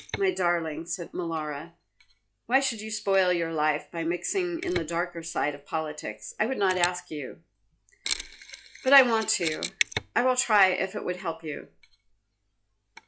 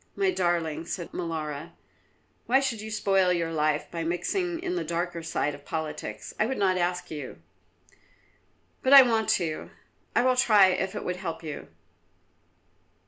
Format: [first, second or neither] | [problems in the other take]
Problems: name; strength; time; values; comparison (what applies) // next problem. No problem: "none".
second | noise reduction (classical method log-MMSE)